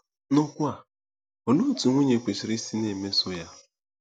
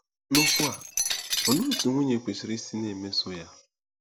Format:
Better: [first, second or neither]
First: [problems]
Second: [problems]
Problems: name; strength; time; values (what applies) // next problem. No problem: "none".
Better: first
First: none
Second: background sound (Shatter); 2 dB above the speech